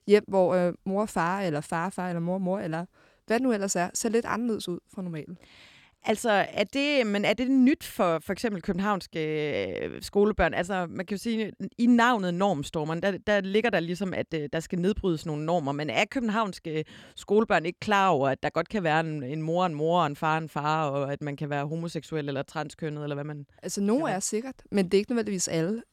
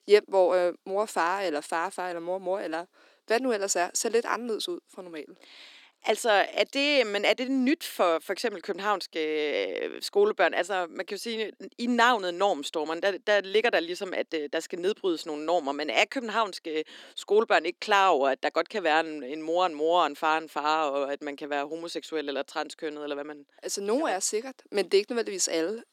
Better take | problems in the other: first | thin; somewhat; fading below 300 Hz

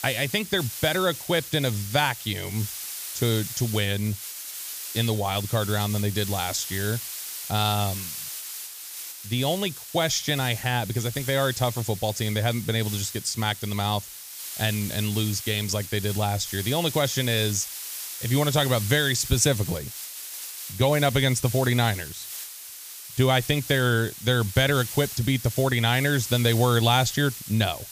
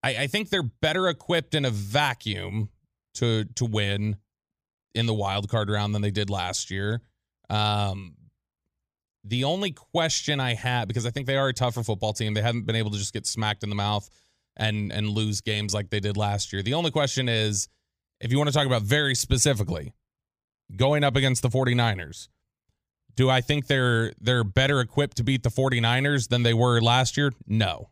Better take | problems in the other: second | hiss; loud; throughout; 9 dB below the speech

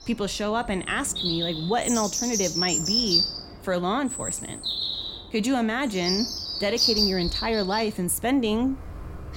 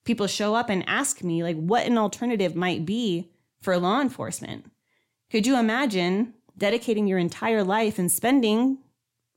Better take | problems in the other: second | animal sounds; very loud; throughout; 1 dB above the speech

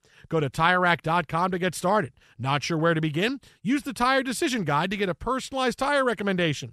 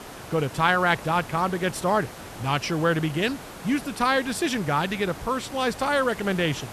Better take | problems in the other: first | hiss; noticeable; throughout; 15 dB below the speech

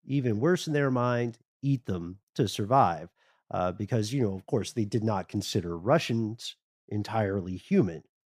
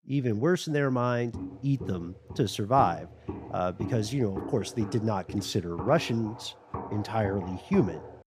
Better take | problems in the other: first | footsteps; noticeable; from 1.5 s on; peak 8 dB below the speech

